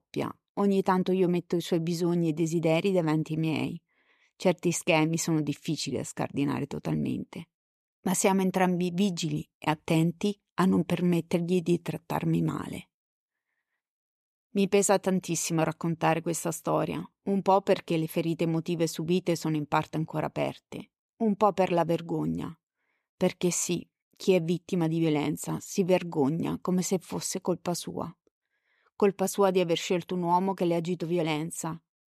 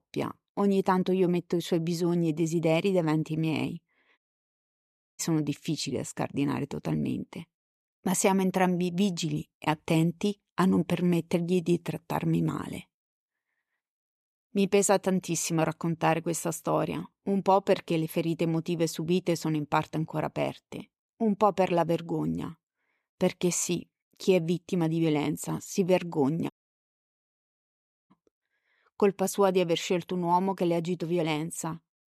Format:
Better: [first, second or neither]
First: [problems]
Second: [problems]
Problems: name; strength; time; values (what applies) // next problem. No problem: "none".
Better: first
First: none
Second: audio cutting out; at 4 s for 1 s and at 27 s for 1.5 s